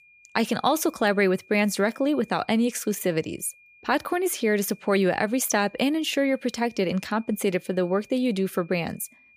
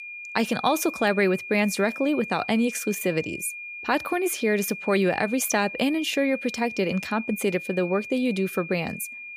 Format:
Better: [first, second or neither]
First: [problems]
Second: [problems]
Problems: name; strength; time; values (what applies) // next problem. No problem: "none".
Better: first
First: high-pitched whine; faint; throughout; 2.5 kHz, 30 dB below the speech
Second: high-pitched whine; loud; throughout; 2.5 kHz, 10 dB below the speech